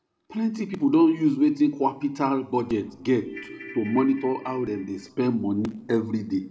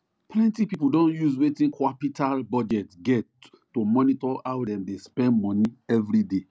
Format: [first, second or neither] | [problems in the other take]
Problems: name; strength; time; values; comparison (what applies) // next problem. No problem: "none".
second | background sound (Ringtone / Keyboard (musical)); 16 dB below the speech // room echo; dies away in 1.7 s